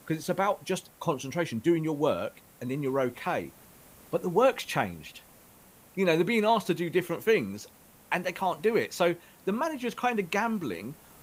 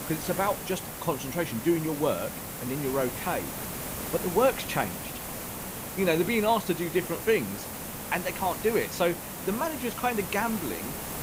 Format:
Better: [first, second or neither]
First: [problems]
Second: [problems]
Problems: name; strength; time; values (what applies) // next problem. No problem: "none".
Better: first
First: hiss; faint; throughout; 25 dB below the speech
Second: hiss; loud; throughout; 6 dB below the speech